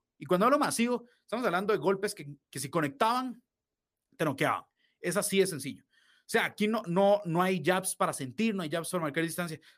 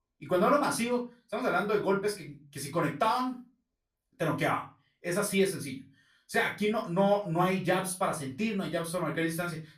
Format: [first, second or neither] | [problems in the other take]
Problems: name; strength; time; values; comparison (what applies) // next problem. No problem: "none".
first | off-mic speech; far // room echo; very slight; dies away in 0.3 s